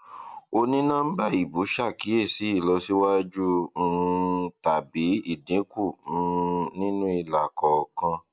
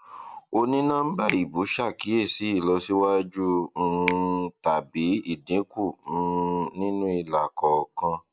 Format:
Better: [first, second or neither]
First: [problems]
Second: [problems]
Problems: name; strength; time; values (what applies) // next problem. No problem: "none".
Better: first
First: none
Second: background sound (Finger snapping); 15 dB below the speech